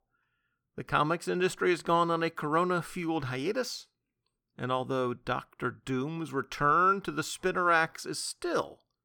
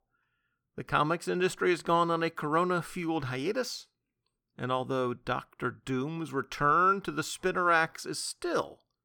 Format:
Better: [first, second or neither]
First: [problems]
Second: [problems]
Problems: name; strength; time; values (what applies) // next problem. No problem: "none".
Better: neither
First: none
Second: none